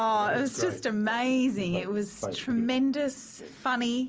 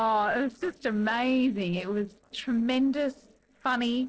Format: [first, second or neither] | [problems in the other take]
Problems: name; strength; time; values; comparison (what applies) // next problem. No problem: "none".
first | noise reduction (neural separator model SepFormer DNS4)